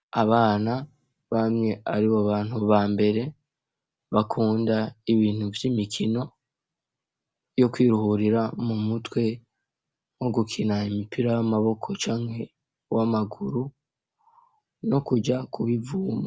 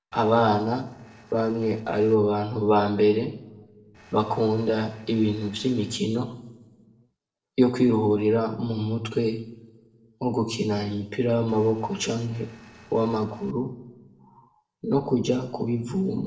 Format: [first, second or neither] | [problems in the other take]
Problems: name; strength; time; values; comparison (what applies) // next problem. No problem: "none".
first | noise reduction (neural separator model SepFormer DNS4)